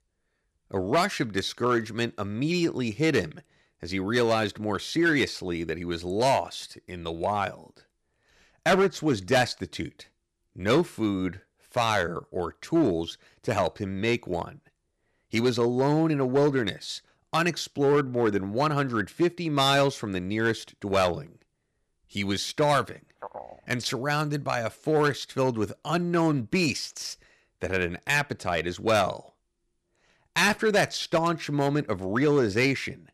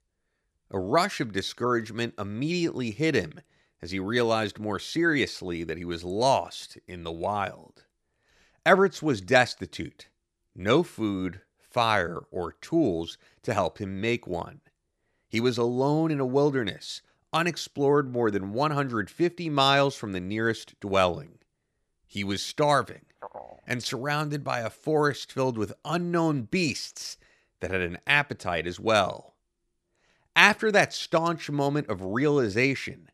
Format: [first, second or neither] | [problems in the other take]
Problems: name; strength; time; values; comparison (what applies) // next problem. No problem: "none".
second | distortion; slight; 3% of the sound clipped